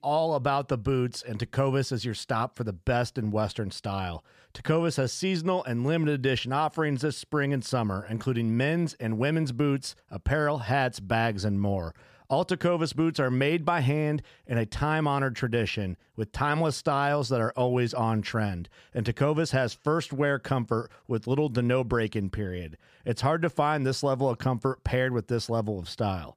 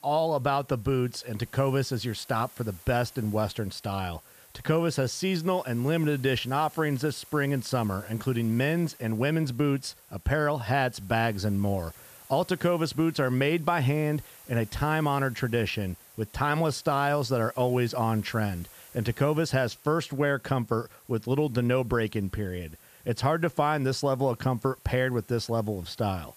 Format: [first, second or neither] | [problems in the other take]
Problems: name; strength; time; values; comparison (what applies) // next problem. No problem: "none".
first | hiss; faint; throughout; 20 dB below the speech